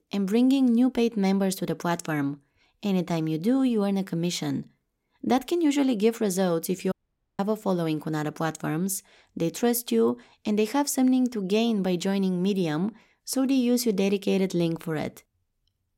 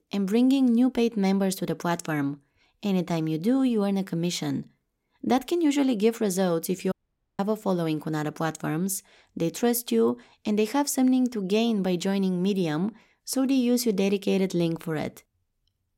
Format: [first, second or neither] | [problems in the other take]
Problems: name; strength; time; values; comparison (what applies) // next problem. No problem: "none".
neither | audio cutting out; at 7 s; the same in both